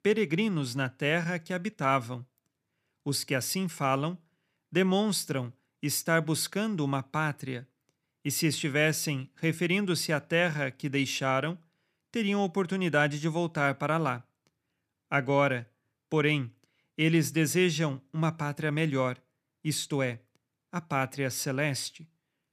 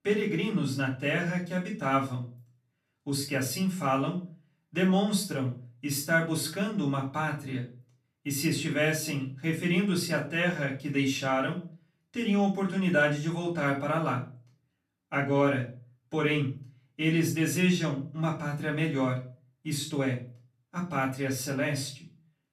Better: first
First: none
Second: off-mic speech; far // room echo; slight; dies away in 0.3 s

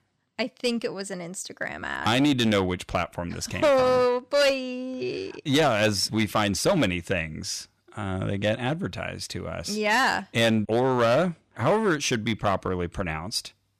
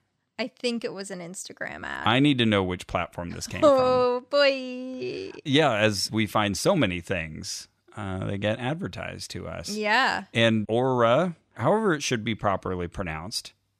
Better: second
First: distortion; slight; 6% of the sound clipped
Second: none

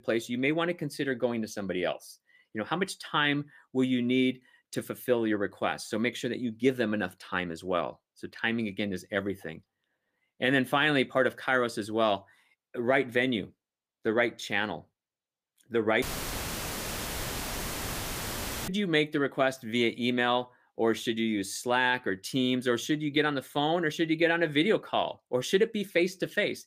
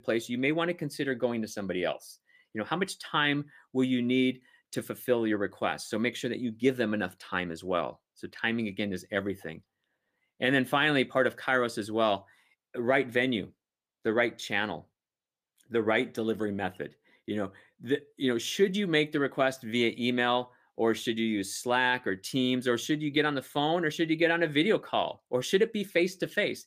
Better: second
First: audio cutting out; filled with static; at 16 s for 2.5 s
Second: none

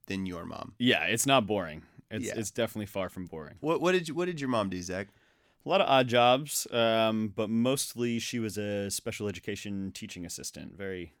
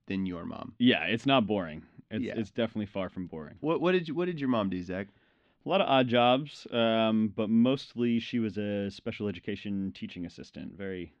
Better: first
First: none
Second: muffled; slightly; fading above 3.5 kHz

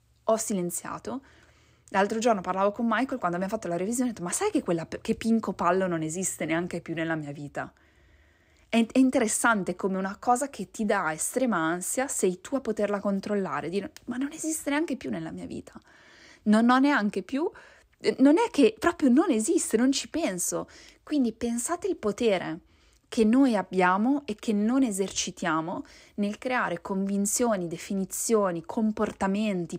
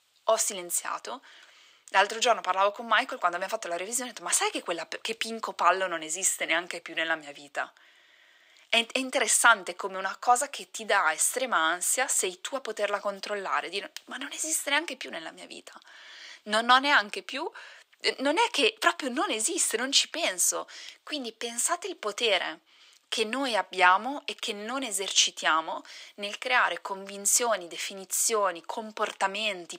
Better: first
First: none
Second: thin; very; fading below 750 Hz

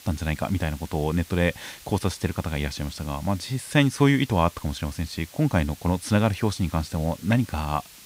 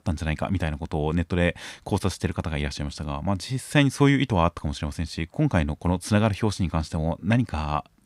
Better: second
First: hiss; noticeable; throughout; 20 dB below the speech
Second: none

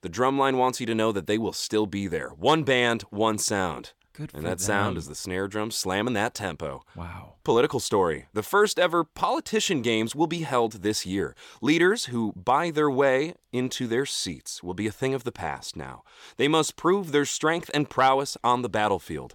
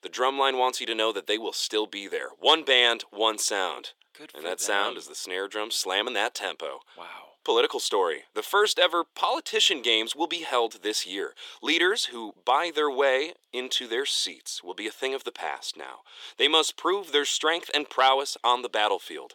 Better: first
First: none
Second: thin; somewhat; fading below 350 Hz

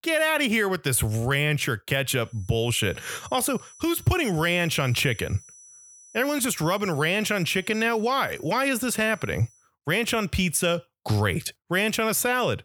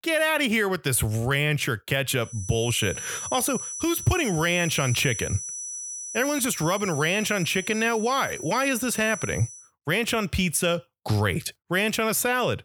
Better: first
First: high-pitched whine; faint; from 2.5 to 9.5 s; 6 kHz, 25 dB below the speech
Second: high-pitched whine; loud; from 2.5 to 9.5 s; 6 kHz, 9 dB below the speech

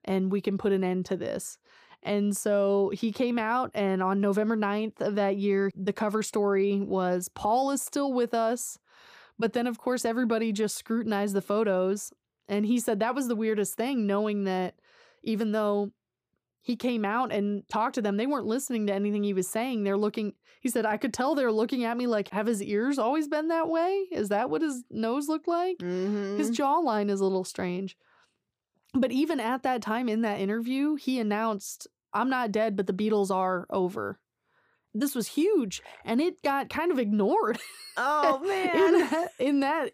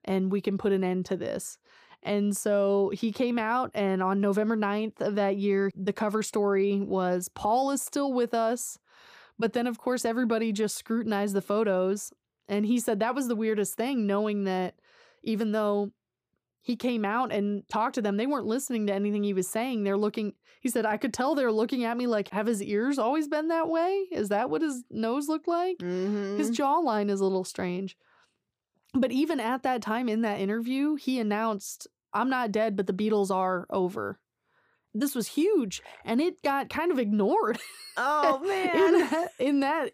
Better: neither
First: none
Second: none

